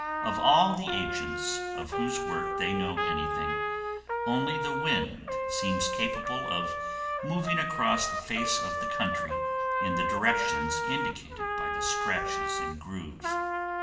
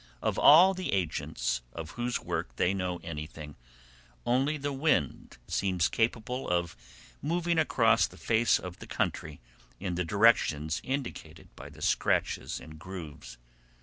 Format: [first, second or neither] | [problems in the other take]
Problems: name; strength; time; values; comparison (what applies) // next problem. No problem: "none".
second | background sound (Trumpet); 1 dB above the speech // room echo; dies away in 0.9 s